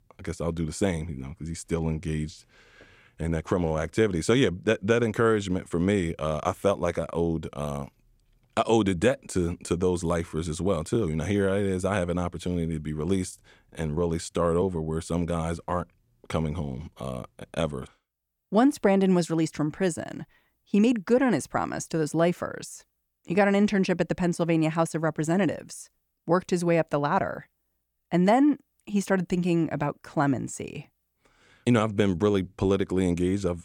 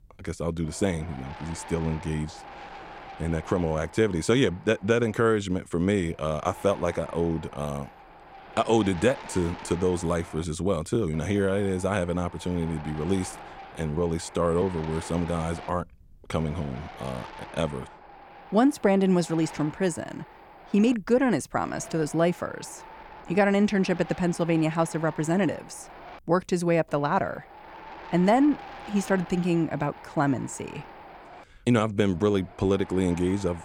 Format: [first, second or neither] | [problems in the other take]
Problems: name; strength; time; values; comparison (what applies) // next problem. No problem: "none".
first | wind noise on the microphone; occasional gusts; 15 dB below the speech